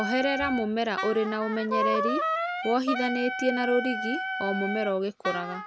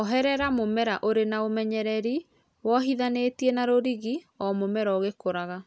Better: second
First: background sound (Wind instrument, woodwind instrument); 3 dB below the speech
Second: none

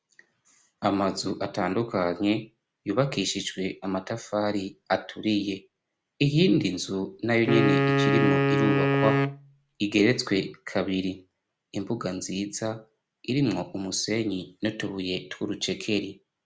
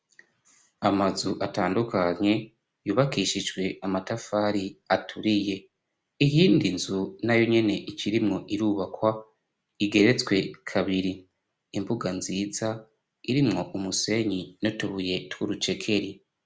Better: second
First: background sound (Wind instrument, woodwind instrument); 3 dB above the speech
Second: none

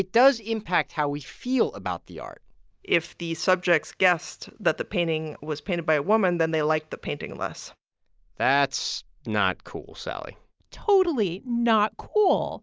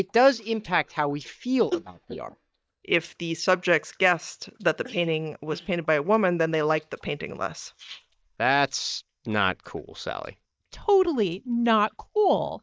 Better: first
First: none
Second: noise reduction (neural mask model DeepFilterNet 3)

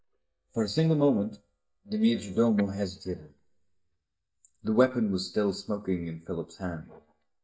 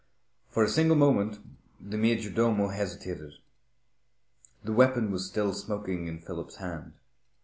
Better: second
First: noise reduction (neural mask model DeepFilterNet 3)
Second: none

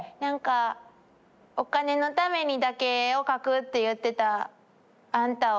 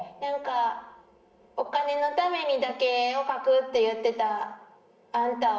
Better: first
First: none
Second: room echo; dies away in 0.8 s

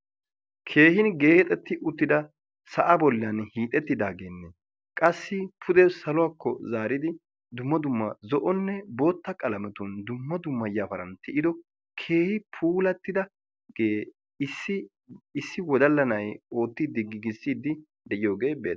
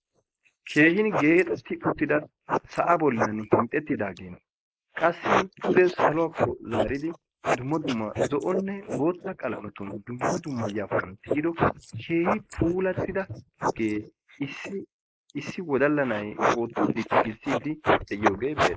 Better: first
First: none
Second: noise reduction (neural mask model Resemble Enhance denoiser)

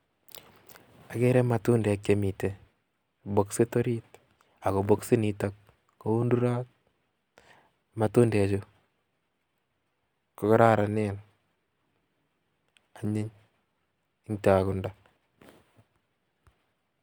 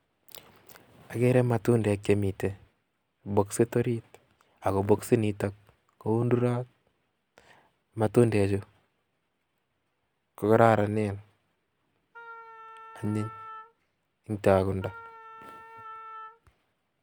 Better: first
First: none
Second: background sound (Wind instrument, woodwind instrument); 17 dB below the speech

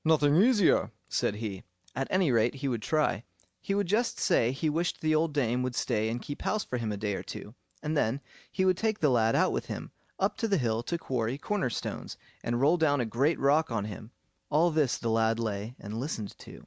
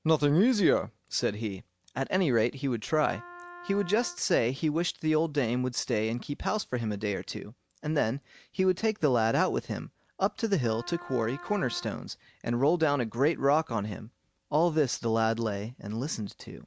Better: first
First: none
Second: background sound (Wind instrument, woodwind instrument); 18 dB below the speech

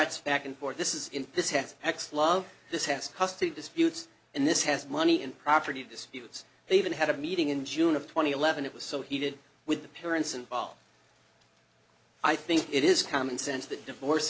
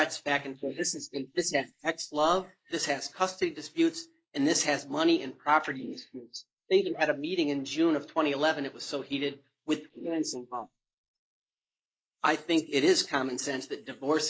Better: first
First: none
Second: noise reduction (neural mask model Resemble Enhance denoiser)

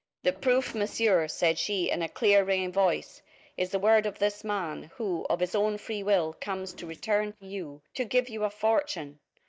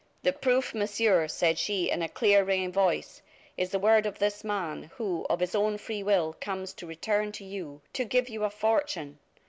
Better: second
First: noise reduction (neural mask model DeepFilterNet 3)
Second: none

